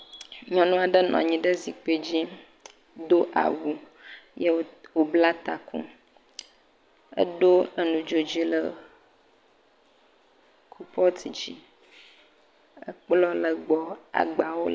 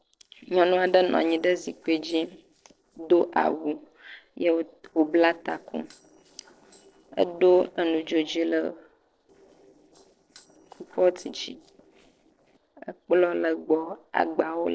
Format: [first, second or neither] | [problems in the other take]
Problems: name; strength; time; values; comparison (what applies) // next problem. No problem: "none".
first | noise reduction (neural separator model SepFormer DNS4)